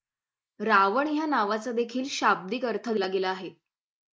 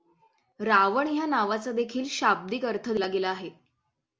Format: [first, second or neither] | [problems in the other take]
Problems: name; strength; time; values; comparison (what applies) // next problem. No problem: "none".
second | noise reduction (neural mask model Resemble Enhance denoiser)